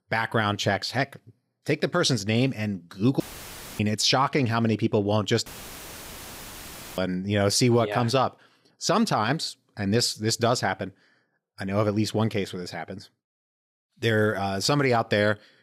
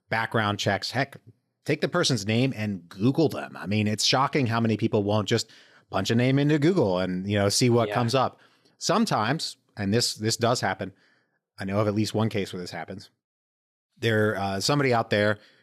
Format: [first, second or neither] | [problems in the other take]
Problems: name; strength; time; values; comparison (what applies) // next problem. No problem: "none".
second | audio cutting out; filled with static; at 3 s for 0.5 s and at 5.5 s for 1.5 s